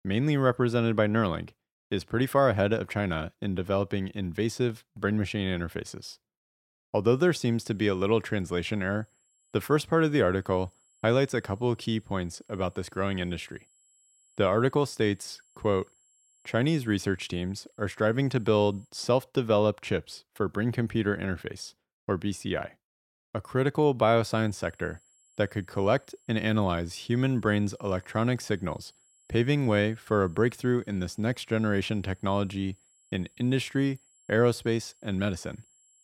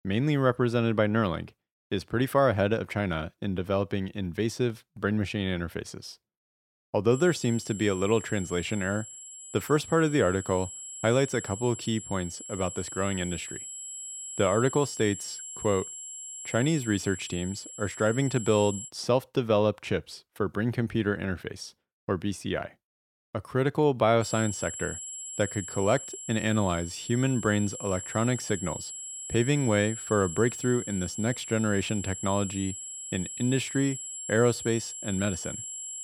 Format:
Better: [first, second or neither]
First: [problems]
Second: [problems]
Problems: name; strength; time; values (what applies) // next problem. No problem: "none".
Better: first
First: high-pitched whine; faint; from 7 to 19 s and from 24 s on; 7.5 kHz, 35 dB below the speech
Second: high-pitched whine; loud; from 7 to 19 s and from 24 s on; 7.5 kHz, 9 dB below the speech